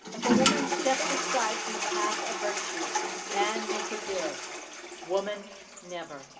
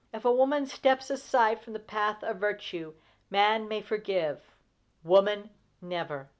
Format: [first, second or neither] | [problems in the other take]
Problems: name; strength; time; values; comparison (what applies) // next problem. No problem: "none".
second | background sound (Toilet flush); 3 dB above the speech // room echo; dies away in 1.9 s